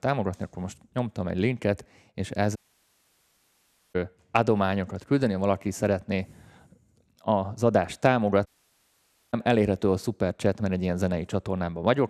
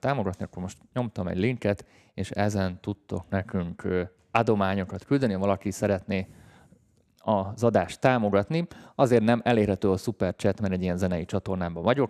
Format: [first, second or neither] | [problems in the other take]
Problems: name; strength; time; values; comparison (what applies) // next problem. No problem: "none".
second | audio cutting out; at 2.5 s for 1.5 s and at 8.5 s for 1 s